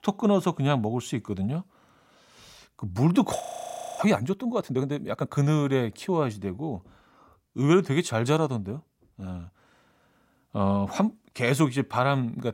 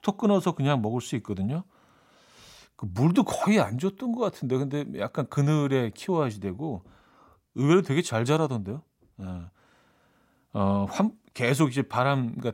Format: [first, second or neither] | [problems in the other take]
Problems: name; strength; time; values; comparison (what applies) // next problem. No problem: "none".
second | audio freezing; at 3.5 s for 0.5 s